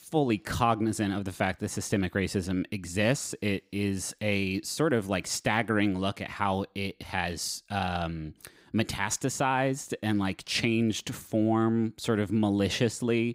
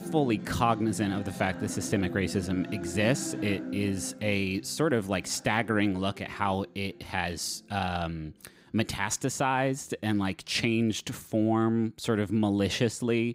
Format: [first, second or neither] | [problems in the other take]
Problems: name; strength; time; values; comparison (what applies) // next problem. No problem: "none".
first | background music; noticeable; throughout; 10 dB below the speech